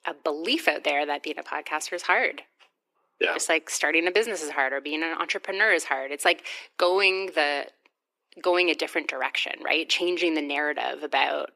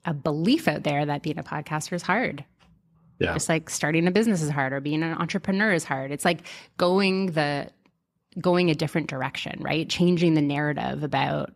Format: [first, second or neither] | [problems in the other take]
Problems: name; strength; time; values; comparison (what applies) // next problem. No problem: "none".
second | thin; very; fading below 350 Hz